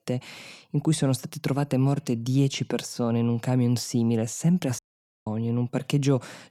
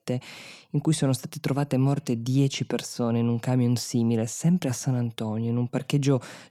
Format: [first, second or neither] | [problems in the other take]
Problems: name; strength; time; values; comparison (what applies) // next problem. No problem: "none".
second | audio cutting out; at 5 s